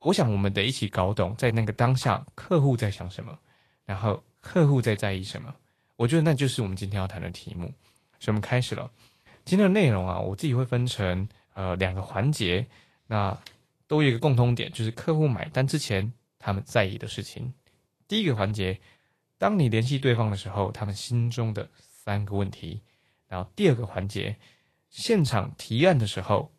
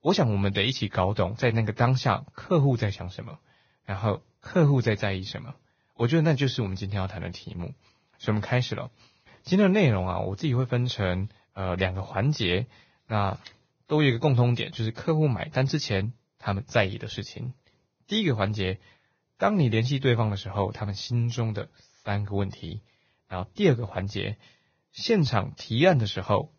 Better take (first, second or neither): first